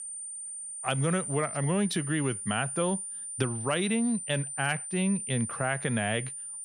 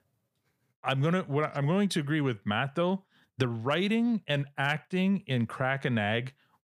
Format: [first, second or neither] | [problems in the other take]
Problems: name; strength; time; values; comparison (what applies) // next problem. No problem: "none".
second | high-pitched whine; loud; throughout; 9 kHz, 5 dB below the speech